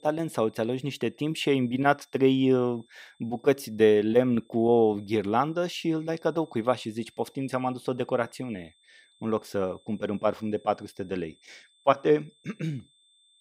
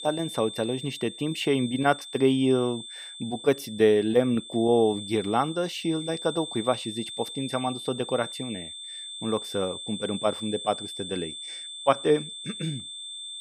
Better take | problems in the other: first | high-pitched whine; loud; throughout; 3.5 kHz, 10 dB below the speech; faint in the first

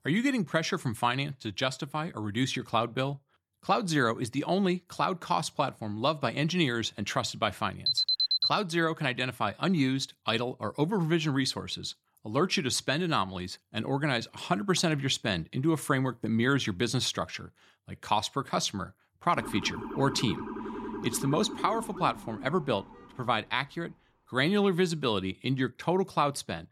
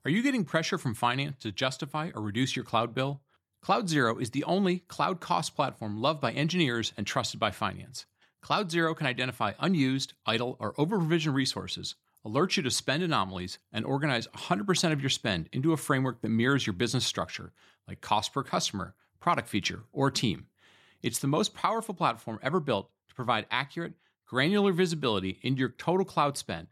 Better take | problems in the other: second | alarm; loud; at 8 s; peak 5 dB above the speech // siren; noticeable; from 19 to 23 s; peak 8 dB below the speech

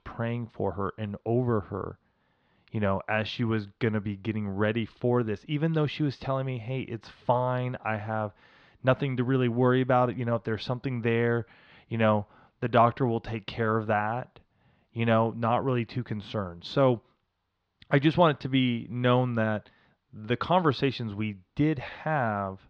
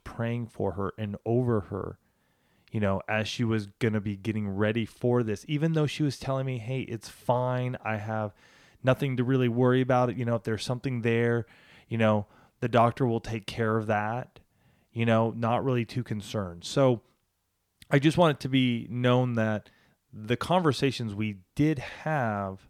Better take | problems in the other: second | muffled; very slightly; fading above 4 kHz

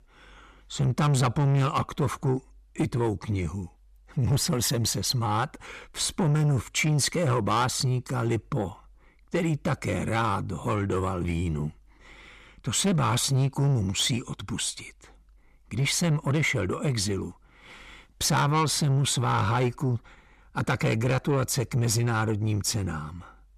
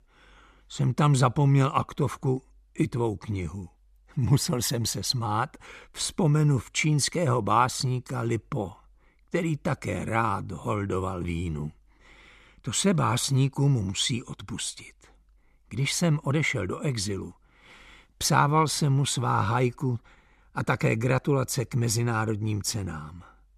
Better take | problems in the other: second | distortion; slight; 10 dB below the speech

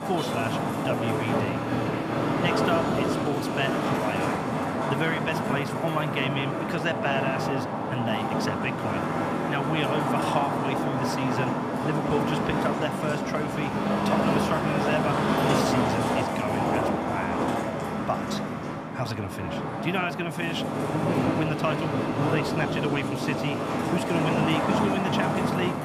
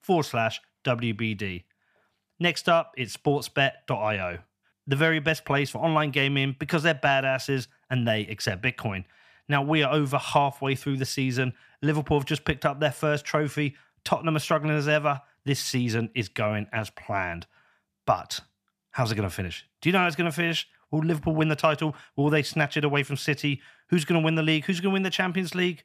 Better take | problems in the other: second | traffic noise; very loud; throughout; 4 dB above the speech

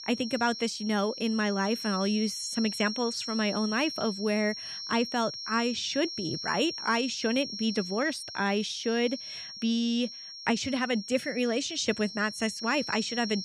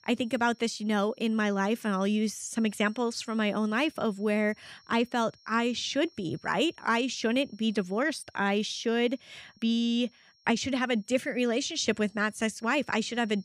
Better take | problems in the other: second | high-pitched whine; loud; throughout; 5.5 kHz, 7 dB below the speech; faint in the second

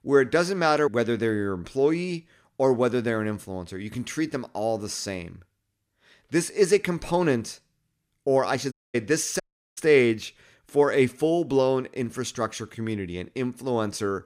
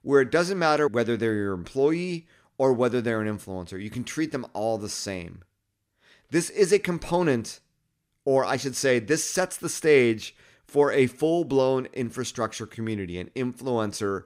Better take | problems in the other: second | audio cutting out; at 8.5 s and at 9.5 s

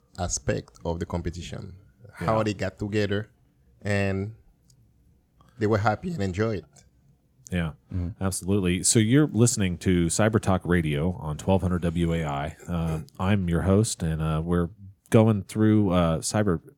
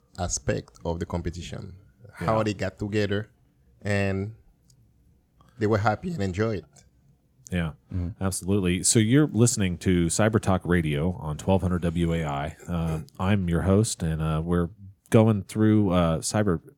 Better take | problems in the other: neither | none

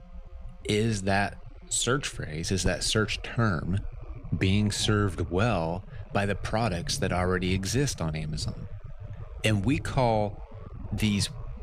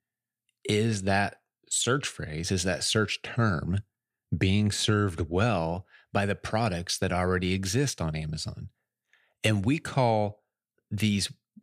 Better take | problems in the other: second | low rumble; faint; throughout; 20 dB below the speech

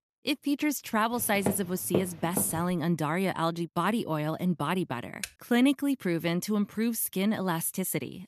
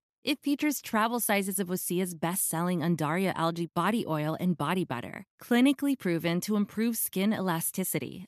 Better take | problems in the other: second | footsteps; noticeable; from 1 to 2.5 s; peak 4 dB below the speech // keyboard typing; faint; at 5 s; peak 10 dB below the speech

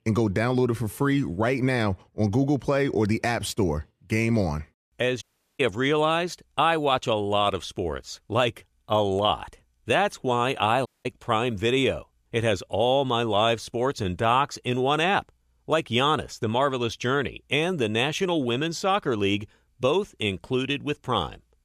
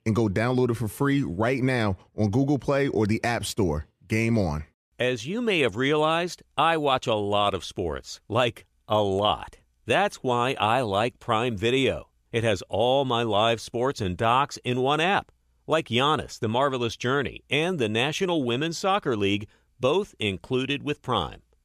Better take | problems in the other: second | audio cutting out; at 5 s and at 11 s

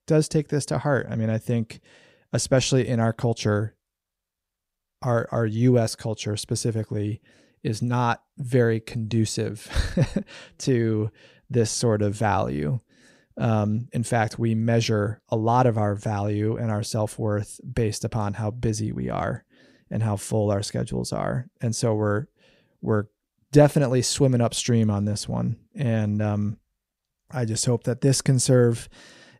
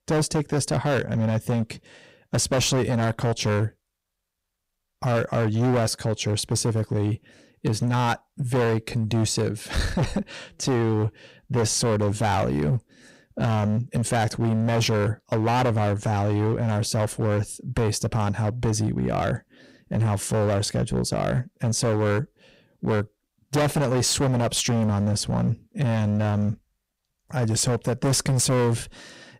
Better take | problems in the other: first | distortion; heavy; 17% of the sound clipped

